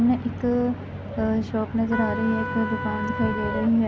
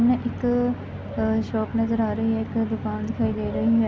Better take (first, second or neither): second